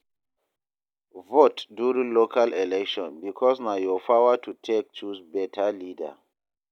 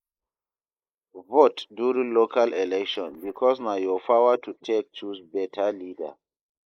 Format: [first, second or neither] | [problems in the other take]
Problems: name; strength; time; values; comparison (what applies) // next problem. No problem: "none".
first | noise reduction (neural mask model Resemble Enhance denoiser)